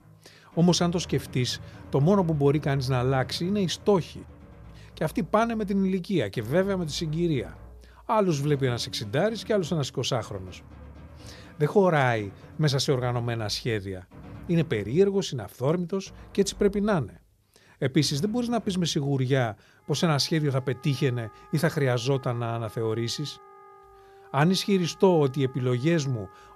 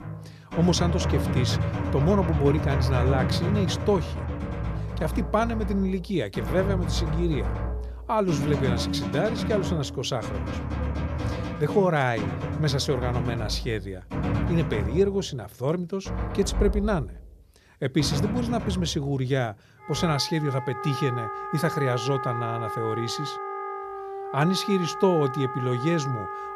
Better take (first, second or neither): first